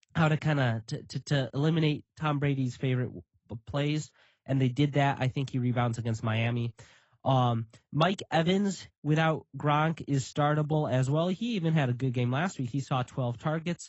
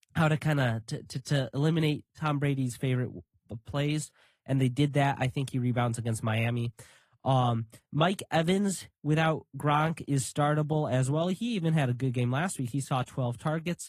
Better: second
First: garbled, watery; badly; nothing above 8 kHz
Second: garbled, watery; slightly; nothing above 14.5 kHz

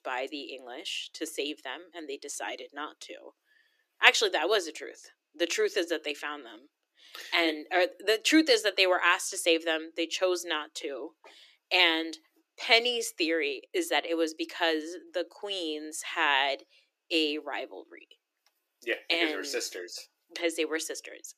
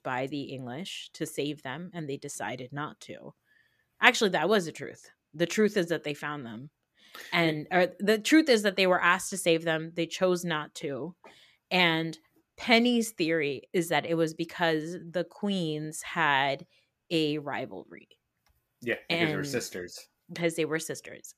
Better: second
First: thin; somewhat; fading below 300 Hz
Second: none

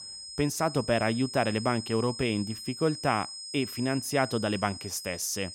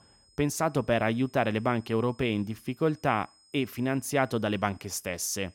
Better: second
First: high-pitched whine; loud; throughout; 5 kHz, 9 dB below the speech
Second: high-pitched whine; faint; throughout; 5 kHz, 30 dB below the speech

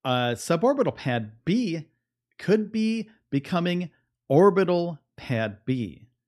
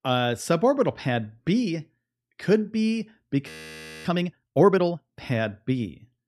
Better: first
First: none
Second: audio freezing; at 3.5 s for 0.5 s

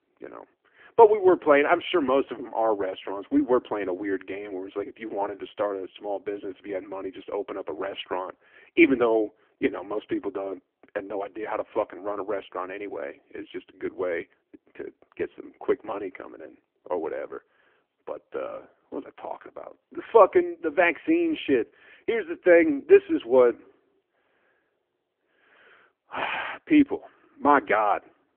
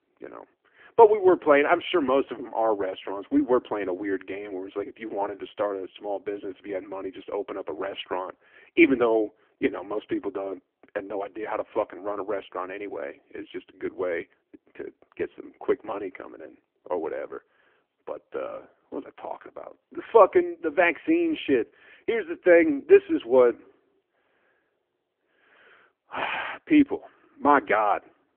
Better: neither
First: phone-call audio; poor line; nothing above 3.5 kHz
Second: phone-call audio; poor line; nothing above 3.5 kHz

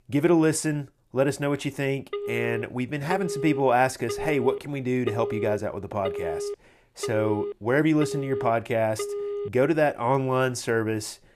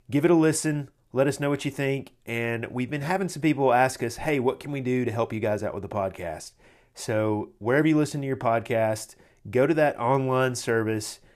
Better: second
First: phone ringing; noticeable; from 2 to 9.5 s; peak 5 dB below the speech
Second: none

